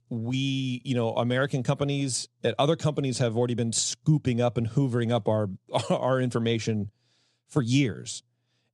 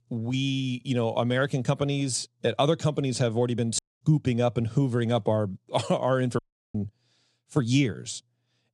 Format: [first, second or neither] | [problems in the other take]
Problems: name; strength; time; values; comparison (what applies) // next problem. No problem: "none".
first | audio cutting out; at 4 s and at 6.5 s